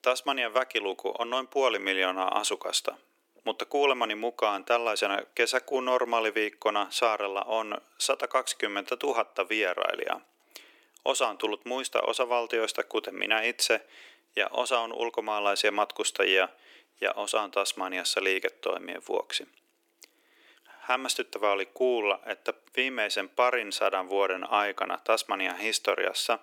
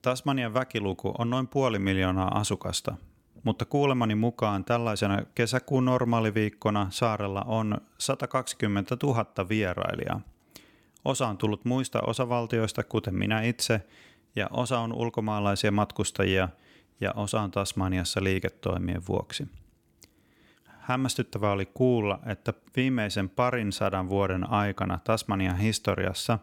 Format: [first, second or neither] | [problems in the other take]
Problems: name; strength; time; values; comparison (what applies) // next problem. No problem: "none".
second | thin; very; fading below 350 Hz